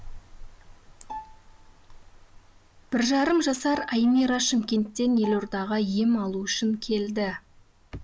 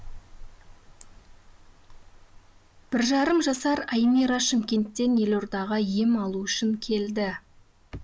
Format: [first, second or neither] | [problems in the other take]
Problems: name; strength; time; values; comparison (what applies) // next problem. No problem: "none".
second | background sound (Bowed string instrument); 19 dB below the speech